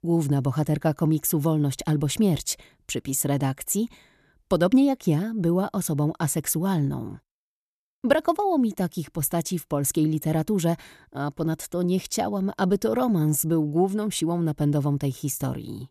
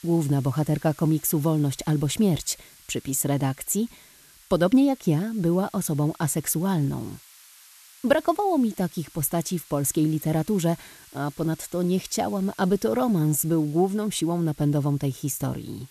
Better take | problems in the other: first | hiss; faint; throughout; 25 dB below the speech

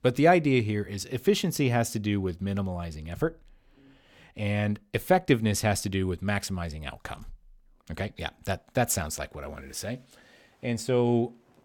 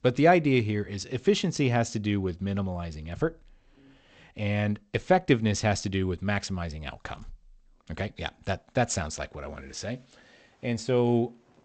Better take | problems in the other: first | garbled, watery; slightly; nothing above 8 kHz

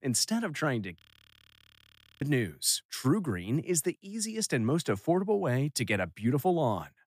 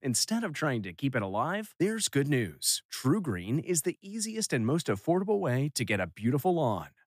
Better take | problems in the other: second | audio freezing; at 1 s for 1 s

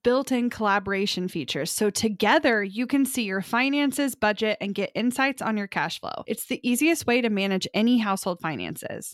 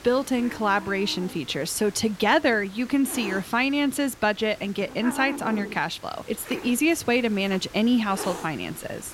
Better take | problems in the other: first | hiss; noticeable; throughout; 15 dB below the speech

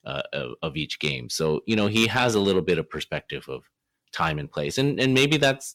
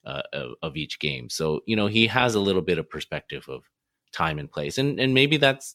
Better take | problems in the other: second | distortion; slight; 10 dB below the speech

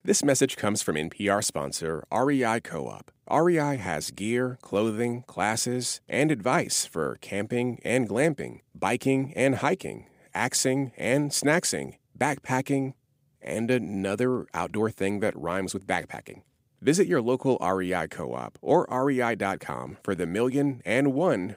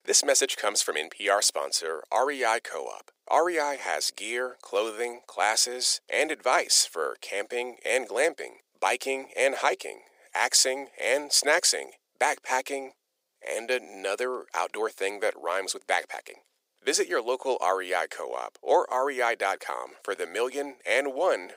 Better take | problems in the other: first | thin; very; fading below 450 Hz

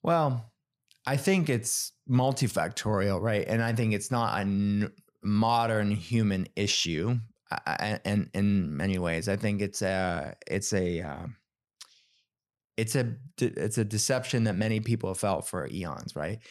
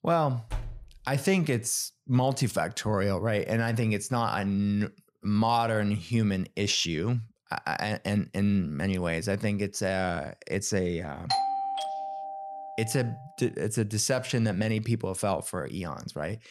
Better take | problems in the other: first | door banging; faint; at 0.5 s; peak 10 dB below the speech // doorbell; loud; from 11 to 13 s; peak 1 dB above the speech

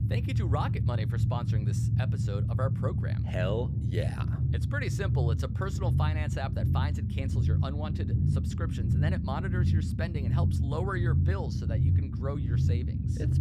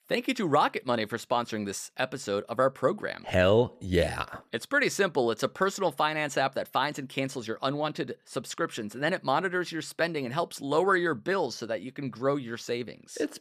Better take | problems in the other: second | low rumble; loud; throughout; 3 dB below the speech

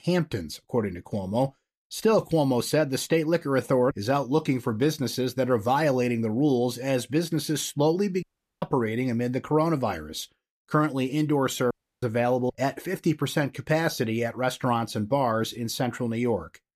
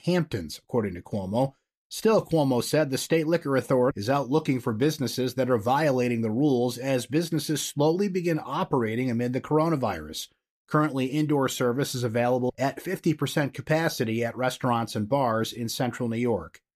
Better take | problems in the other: second | audio cutting out; at 8 s and at 12 s

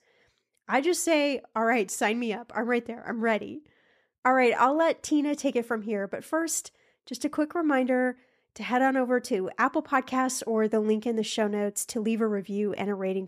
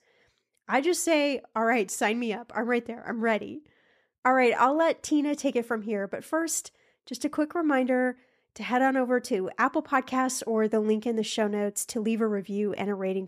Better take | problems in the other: neither | none

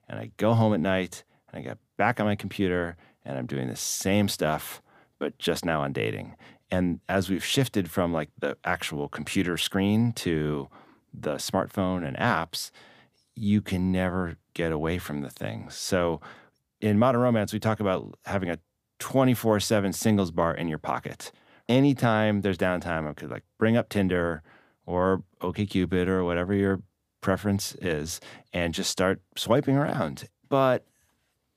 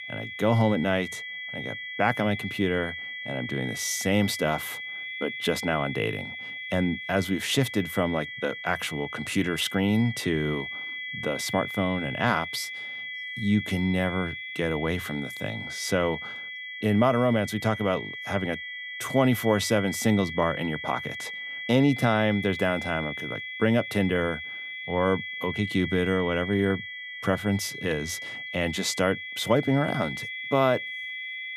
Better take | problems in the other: first | high-pitched whine; loud; throughout; 2 kHz, 7 dB below the speech

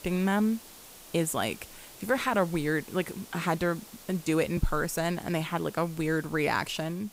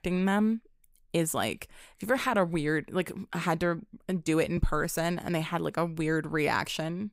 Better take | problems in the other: second | hiss; noticeable; throughout; 20 dB below the speech

